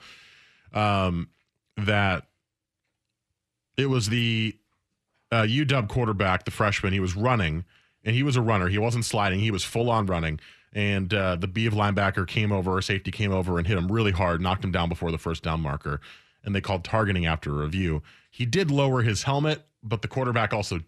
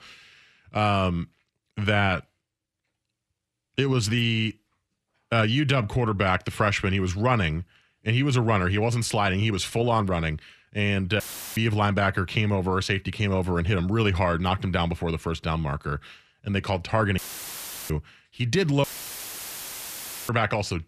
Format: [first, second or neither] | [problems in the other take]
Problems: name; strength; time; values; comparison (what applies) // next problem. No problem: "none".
first | audio cutting out; filled with static; at 11 s, at 17 s for 0.5 s and at 19 s for 1.5 s